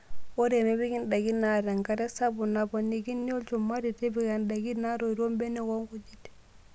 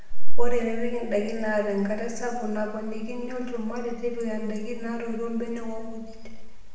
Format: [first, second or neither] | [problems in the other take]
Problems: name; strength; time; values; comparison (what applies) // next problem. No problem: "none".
first | room echo; dies away in 1.2 s